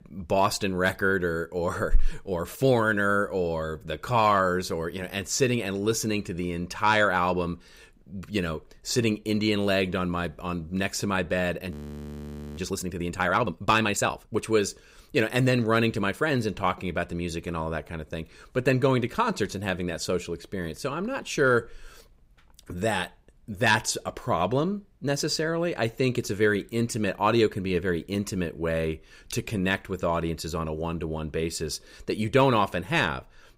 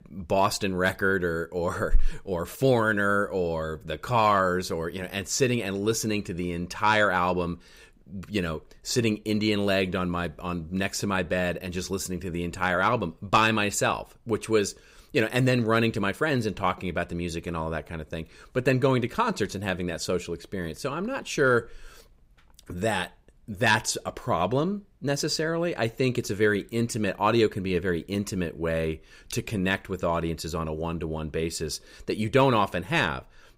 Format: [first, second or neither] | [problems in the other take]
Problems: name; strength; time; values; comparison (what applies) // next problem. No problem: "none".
second | audio freezing; at 12 s for 1 s